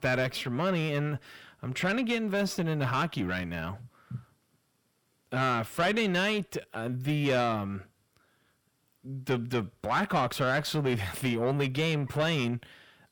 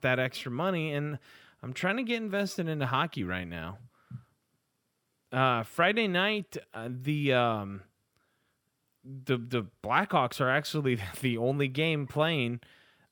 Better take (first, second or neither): second